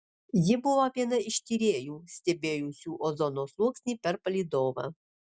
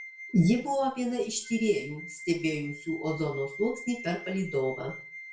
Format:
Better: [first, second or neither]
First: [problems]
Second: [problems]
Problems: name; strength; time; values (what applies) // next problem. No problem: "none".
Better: first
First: none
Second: background sound (Wind instrument, woodwind instrument); 15 dB below the speech // room echo; dies away in 0.4 s